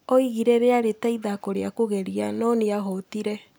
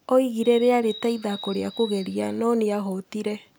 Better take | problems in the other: first | background sound (Bird); 17 dB below the speech

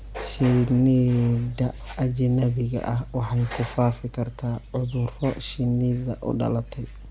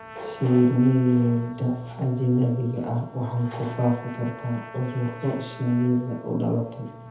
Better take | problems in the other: first | background sound (Trumpet); 19 dB below the speech // room echo; dies away in 0.7 s

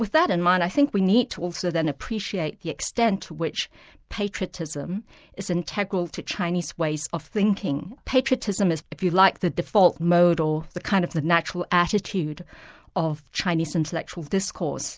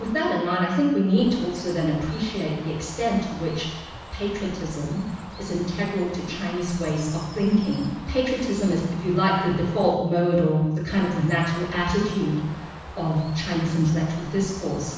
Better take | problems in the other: first | background sound (Bird); 16 dB below the speech // room echo; dies away in 1.1 s

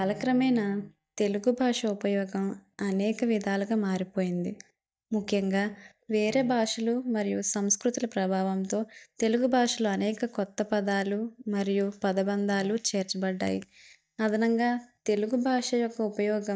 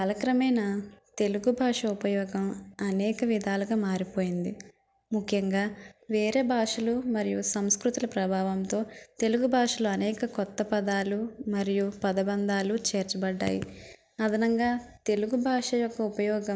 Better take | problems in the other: second | noise reduction (neural mask model DeepFilterNet 3)

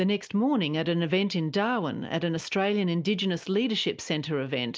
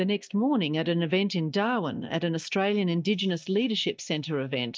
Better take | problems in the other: first | noise reduction (neural mask model DeepFilterNet 3)

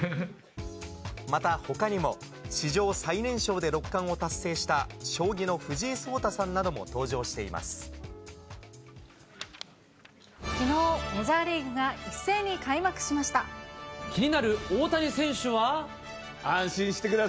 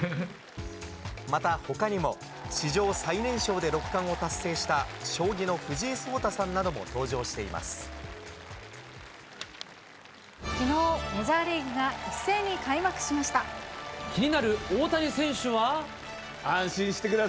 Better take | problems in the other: first | background sound (Applause); 13 dB below the speech

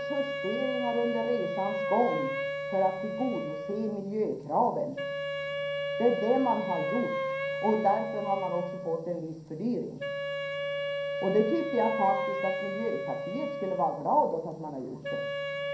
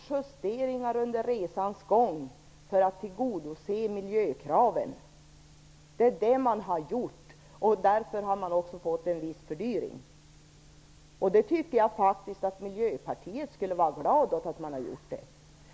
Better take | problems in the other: second | background sound (Wind instrument, woodwind instrument); 3 dB below the speech // room echo; dies away in 0.6 s

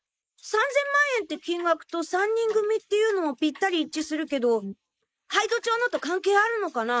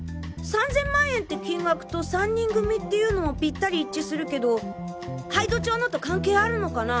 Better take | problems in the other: second | noise reduction (neural mask model Resemble Enhance denoiser)

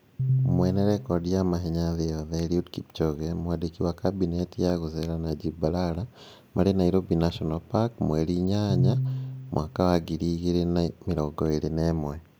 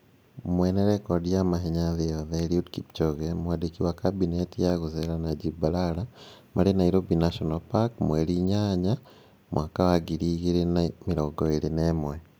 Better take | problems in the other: second | background sound (Piano); 3 dB below the speech

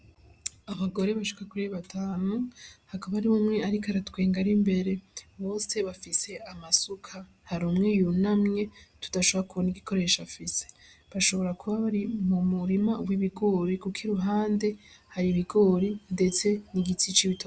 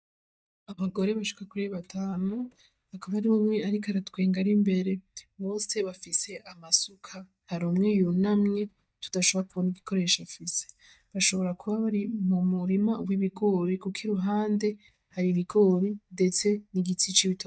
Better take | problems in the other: first | noise reduction (neural mask model DeepFilterNet 3)

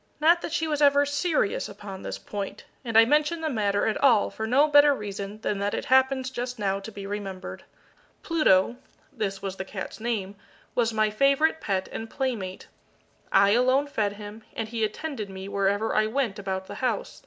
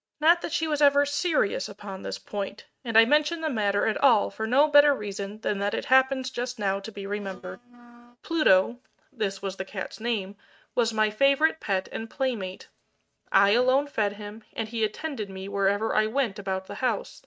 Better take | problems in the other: first | noise reduction (neural mask model RNNoise)

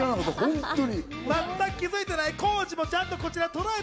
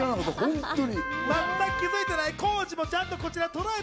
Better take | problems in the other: first | background sound (Wind instrument, woodwind instrument); 5 dB below the speech

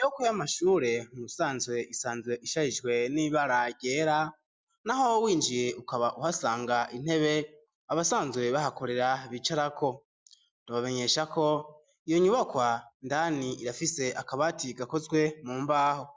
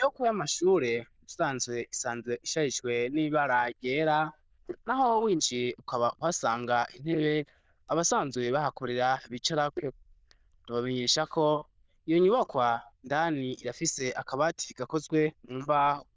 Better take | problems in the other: first | noise reduction (neural diffusion model UNIVERSE++)

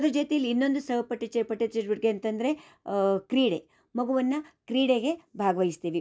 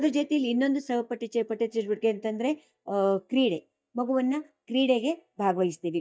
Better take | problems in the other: first | noise reduction (neural mask model DeepFilterNet 3)

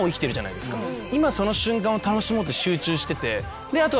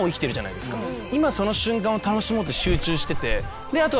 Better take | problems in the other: first | background sound (Keys jangling); 8 dB below the speech

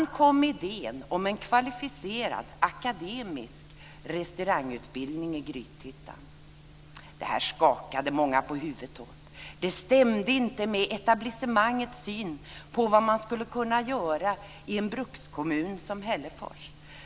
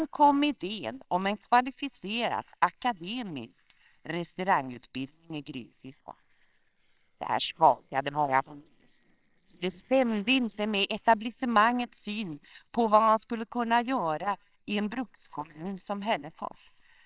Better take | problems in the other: first | noise reduction (neural separator model SepFormer WHAMR!)

